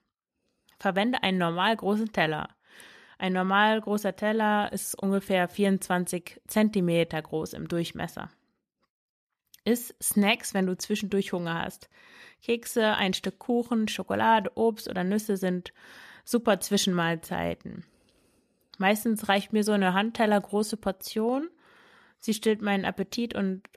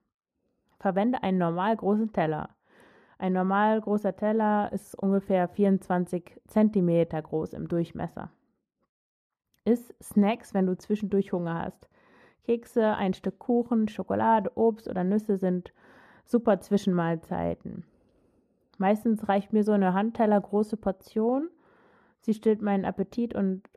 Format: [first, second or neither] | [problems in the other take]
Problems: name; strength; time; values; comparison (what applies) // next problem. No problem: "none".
first | muffled; very; fading above 1.5 kHz